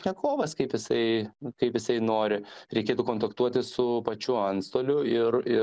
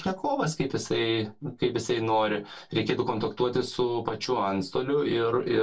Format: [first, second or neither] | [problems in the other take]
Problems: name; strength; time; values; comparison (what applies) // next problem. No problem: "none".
first | room echo; dies away in 0.1 s